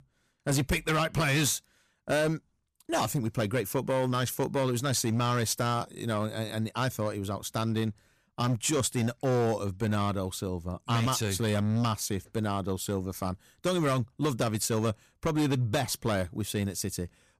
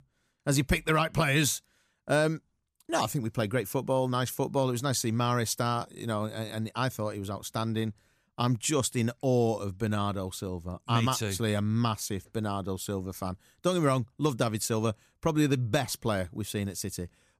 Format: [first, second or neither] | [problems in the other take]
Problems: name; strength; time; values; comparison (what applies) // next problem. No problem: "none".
second | distortion; slight; 9% of the sound clipped